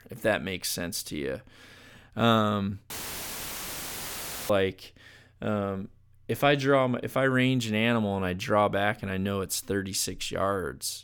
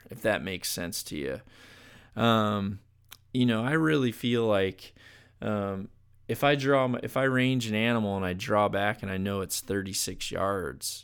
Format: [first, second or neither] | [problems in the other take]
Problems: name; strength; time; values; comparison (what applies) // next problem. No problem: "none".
second | audio cutting out; filled with static; at 3 s for 1.5 s